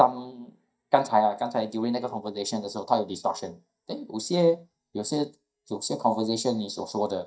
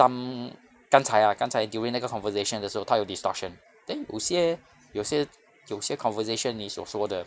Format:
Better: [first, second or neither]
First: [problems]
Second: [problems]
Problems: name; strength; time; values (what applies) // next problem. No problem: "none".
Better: second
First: noise reduction (neural mask model DeepFilterNet 3)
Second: none